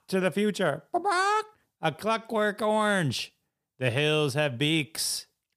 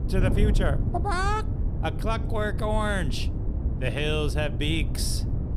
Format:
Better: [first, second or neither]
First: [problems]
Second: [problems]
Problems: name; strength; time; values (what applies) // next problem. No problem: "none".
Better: first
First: none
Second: wind noise on the microphone; occasional gusts; 10 dB below the speech